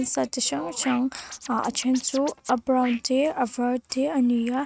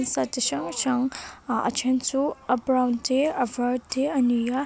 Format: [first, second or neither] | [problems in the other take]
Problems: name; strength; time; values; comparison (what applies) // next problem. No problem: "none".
second | noise reduction (neural mask model RNNoise)